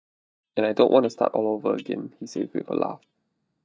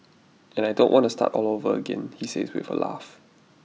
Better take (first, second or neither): second